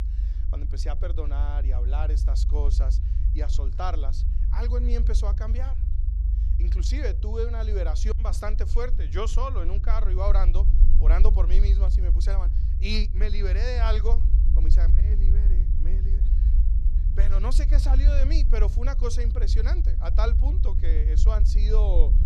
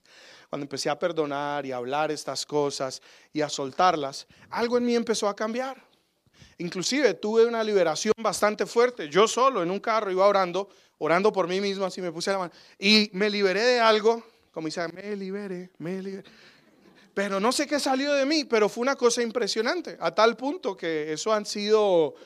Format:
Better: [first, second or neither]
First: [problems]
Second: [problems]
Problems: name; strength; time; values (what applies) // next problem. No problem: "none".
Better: second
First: low rumble; loud; throughout; 10 dB below the speech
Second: none